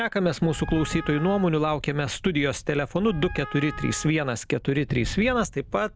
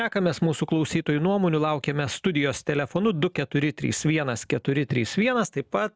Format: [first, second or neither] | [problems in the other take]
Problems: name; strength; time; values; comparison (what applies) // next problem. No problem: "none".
second | background sound (Wind + Wind instrument, woodwind instrument); 13 dB below the speech